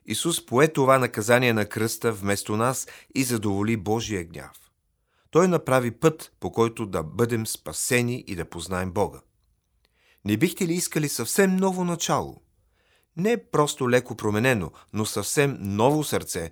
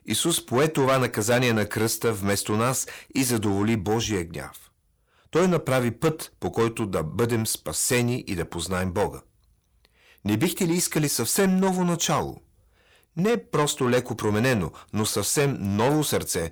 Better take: first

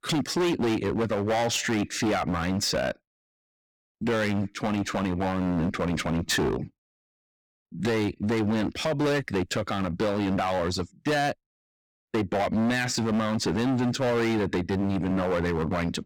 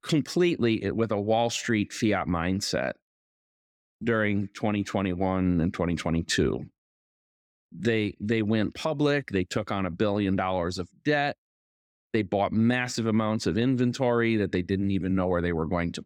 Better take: second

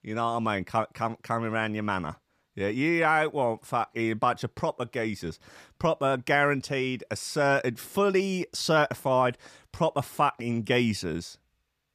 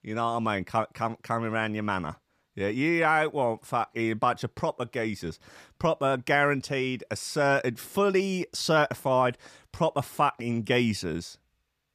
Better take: neither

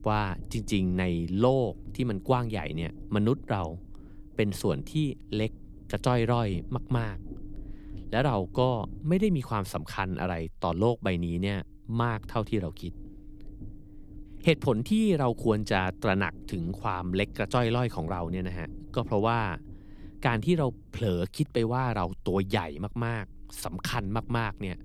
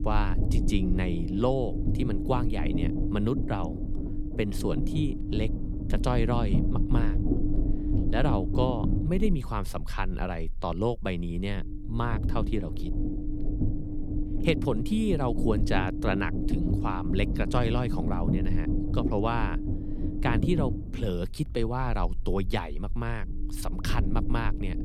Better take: first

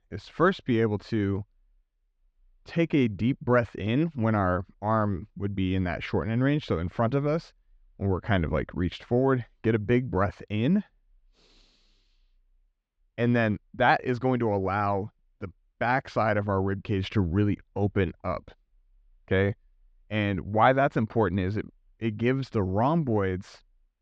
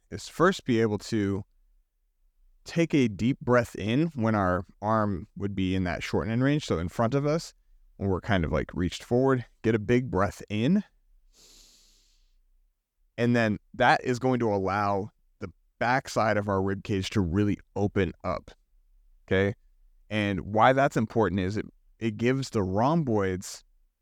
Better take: second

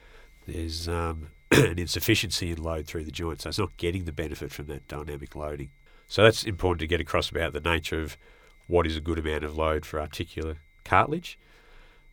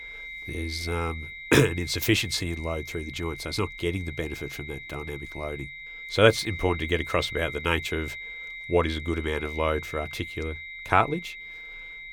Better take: first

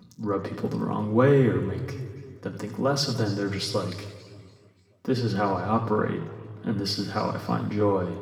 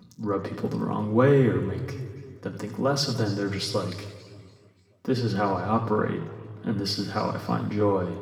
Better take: neither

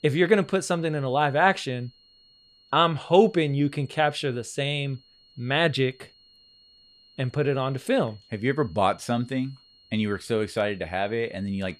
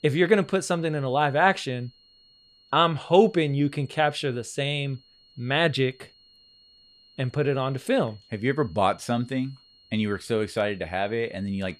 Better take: neither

